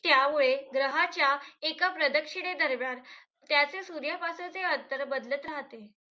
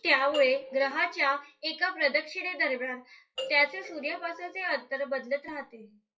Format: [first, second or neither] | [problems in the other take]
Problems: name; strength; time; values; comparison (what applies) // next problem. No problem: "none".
first | noise reduction (classical method WPE with log-MMSE)